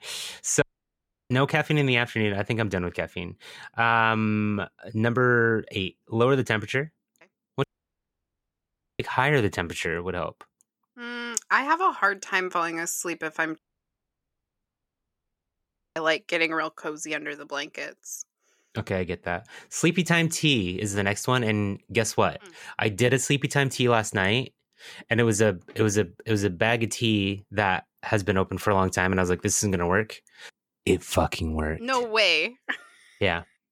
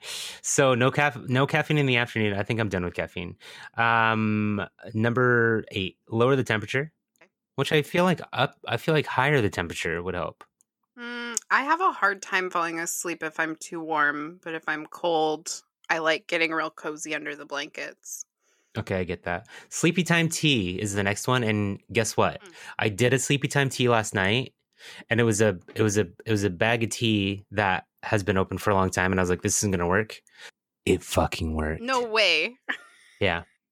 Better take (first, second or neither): second